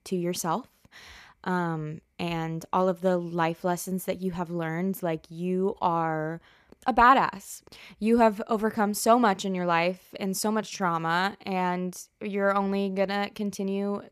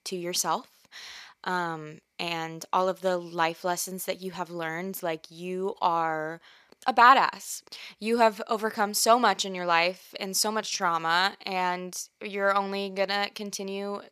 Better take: first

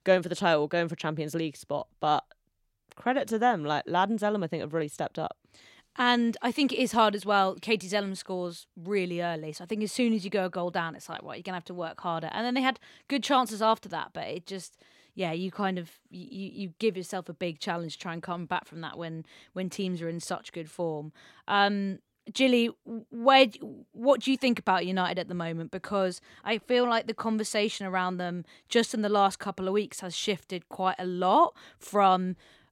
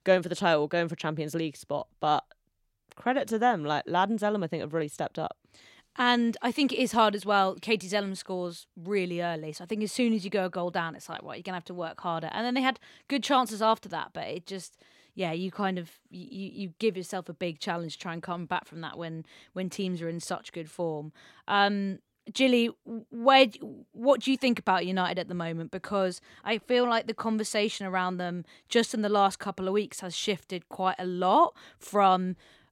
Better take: neither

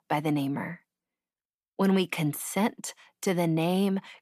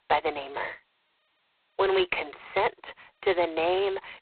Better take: first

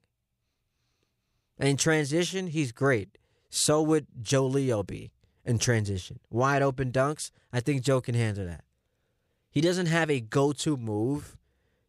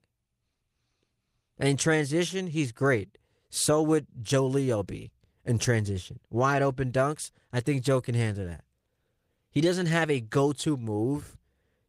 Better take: first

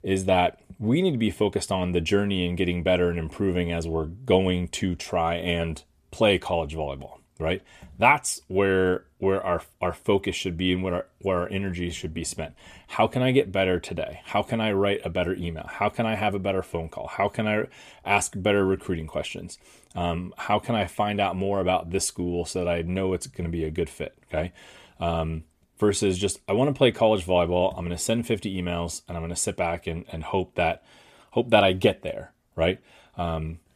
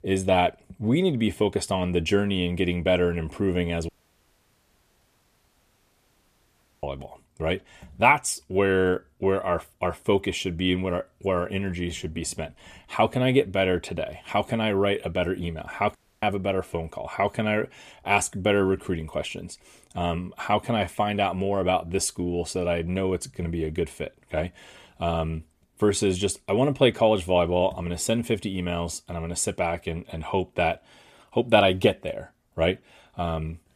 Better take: first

